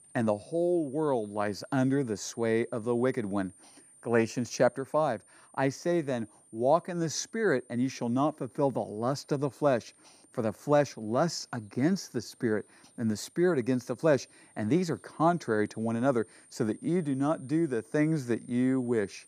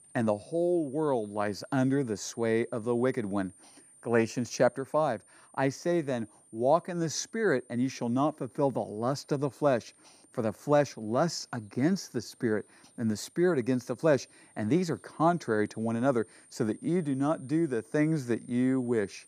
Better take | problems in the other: neither | high-pitched whine; faint; throughout; 9 kHz, 25 dB below the speech; the same in both

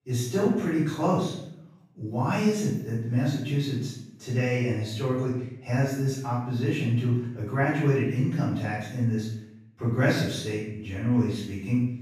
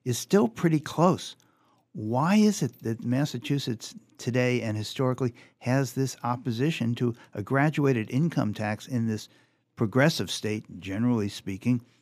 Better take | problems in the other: second | off-mic speech; far // room echo; noticeable; dies away in 0.7 s

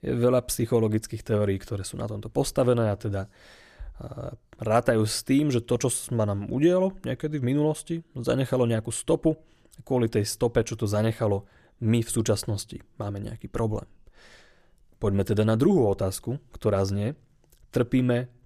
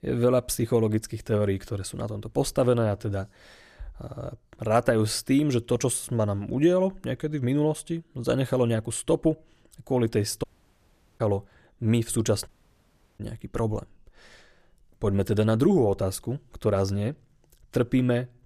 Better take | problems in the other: first | audio cutting out; at 10 s for 1 s and at 12 s for 0.5 s

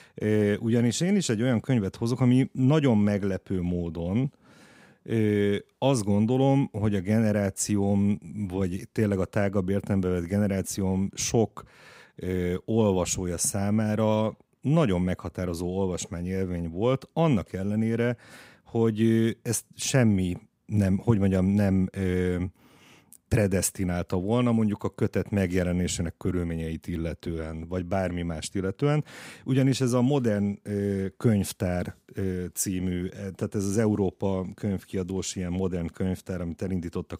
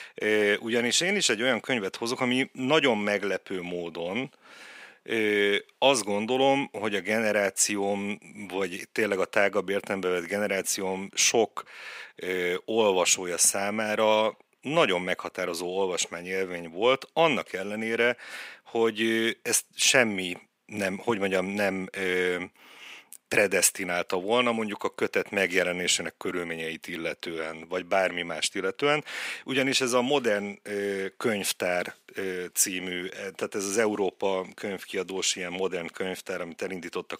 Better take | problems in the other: first | thin; somewhat; fading below 450 Hz

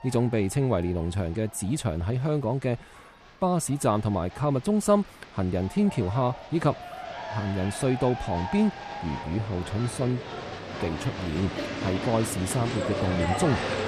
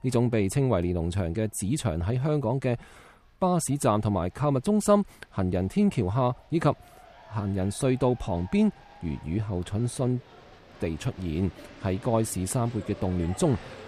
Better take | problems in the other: second | crowd noise; loud; throughout; 7 dB below the speech; faint in the second

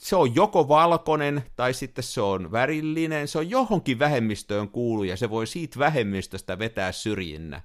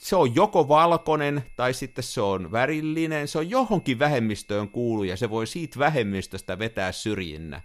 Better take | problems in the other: first | high-pitched whine; faint; throughout; 2.5 kHz, 30 dB below the speech

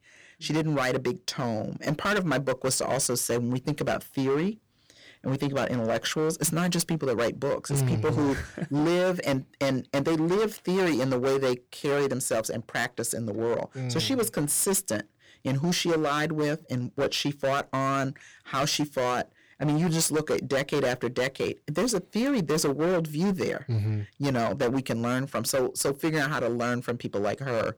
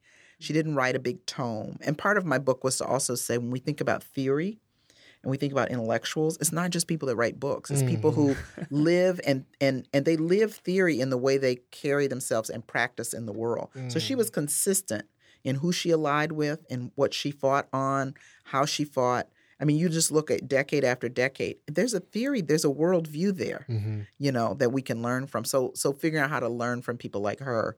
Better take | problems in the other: second | distortion; heavy; 15% of the sound clipped

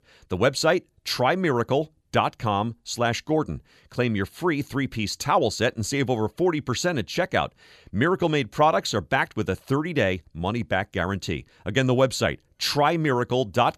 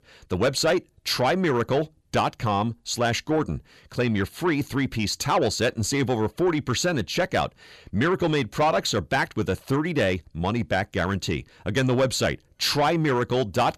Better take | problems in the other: first | distortion; slight; 10 dB below the speech

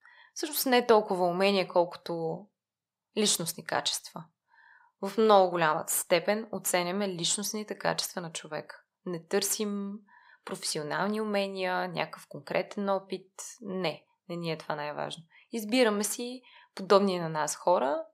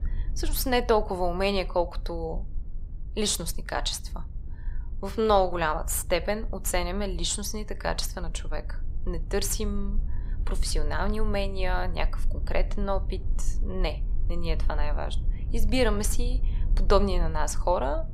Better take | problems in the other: first | low rumble; faint; throughout; 25 dB below the speech

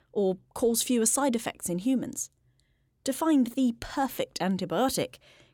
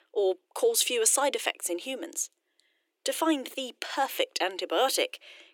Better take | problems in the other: first | thin; very; fading below 350 Hz

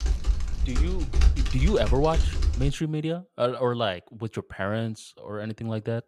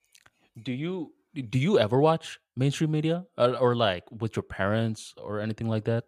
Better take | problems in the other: second | keyboard typing; loud; until 2.5 s; peak 5 dB above the speech

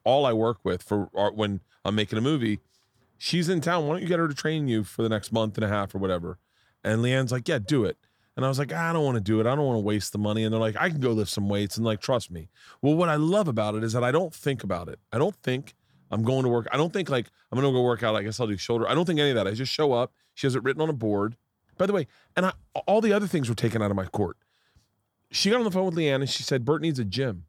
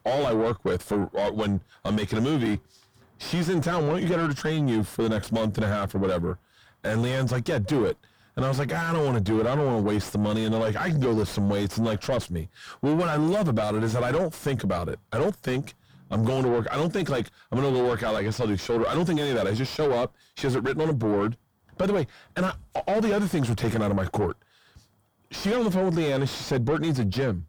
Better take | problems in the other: first | distortion; heavy; 5 dB below the speech

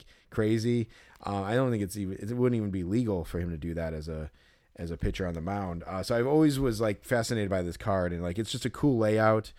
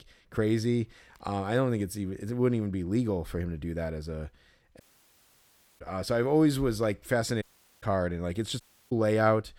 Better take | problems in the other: first | audio cutting out; at 5 s for 1 s, at 7.5 s and at 8.5 s

